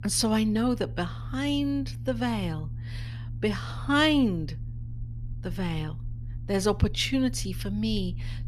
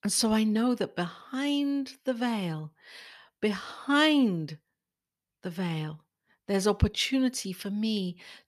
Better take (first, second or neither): second